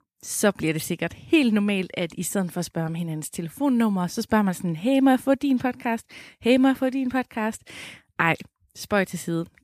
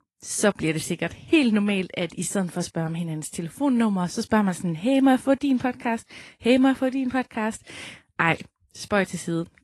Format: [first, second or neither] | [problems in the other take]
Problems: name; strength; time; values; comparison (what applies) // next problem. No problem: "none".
first | garbled, watery; slightly; nothing above 11.5 kHz